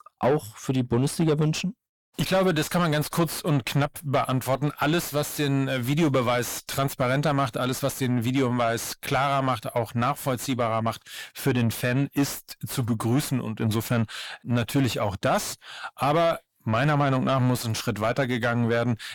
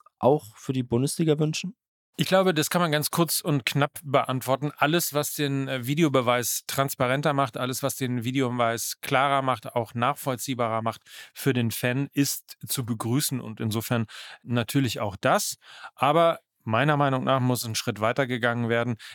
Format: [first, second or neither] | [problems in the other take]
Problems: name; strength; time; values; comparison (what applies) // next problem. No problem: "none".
second | distortion; heavy; 7 dB below the speech